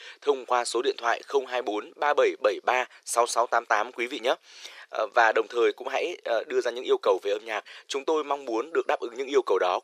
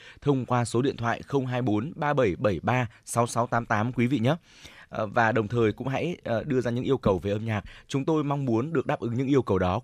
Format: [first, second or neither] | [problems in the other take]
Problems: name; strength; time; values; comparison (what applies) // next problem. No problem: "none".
second | thin; very; fading below 400 Hz